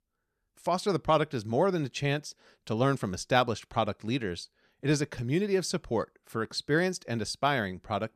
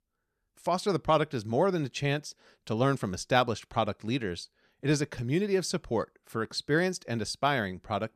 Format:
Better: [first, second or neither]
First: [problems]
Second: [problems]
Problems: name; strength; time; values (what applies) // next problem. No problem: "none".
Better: neither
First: none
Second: none